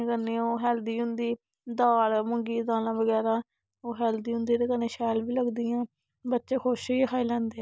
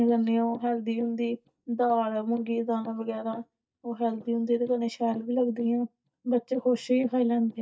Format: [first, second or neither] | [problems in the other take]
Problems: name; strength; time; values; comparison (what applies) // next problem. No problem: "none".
first | noise reduction (neural mask model DeepFilterNet 3)